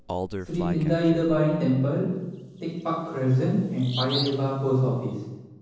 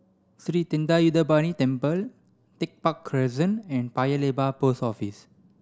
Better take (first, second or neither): second